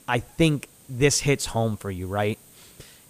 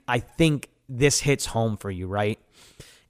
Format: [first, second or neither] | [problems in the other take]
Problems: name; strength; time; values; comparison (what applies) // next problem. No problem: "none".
second | hiss; faint; throughout; 25 dB below the speech